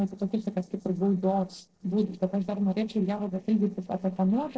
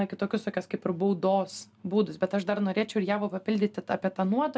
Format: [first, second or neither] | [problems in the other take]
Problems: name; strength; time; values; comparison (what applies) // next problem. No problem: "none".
second | noise reduction (neural separator model SepFormer DNS4)